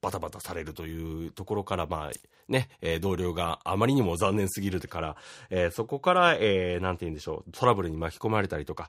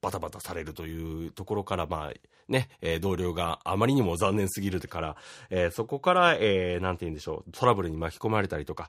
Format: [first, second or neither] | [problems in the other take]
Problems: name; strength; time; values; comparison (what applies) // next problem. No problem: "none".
second | jangling keys; faint; at 2 s; peak 15 dB below the speech